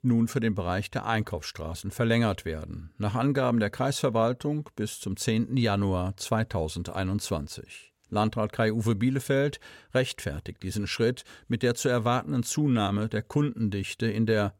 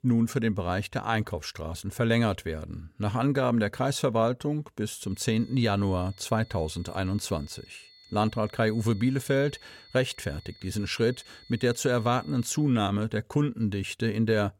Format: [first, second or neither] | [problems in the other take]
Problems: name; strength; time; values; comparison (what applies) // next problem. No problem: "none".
first | high-pitched whine; faint; from 5 to 13 s; 4.5 kHz, 25 dB below the speech